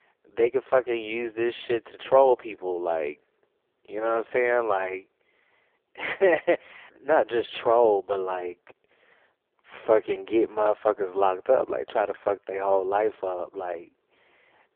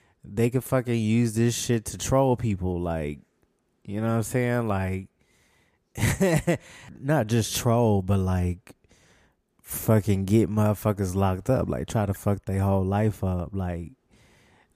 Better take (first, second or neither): second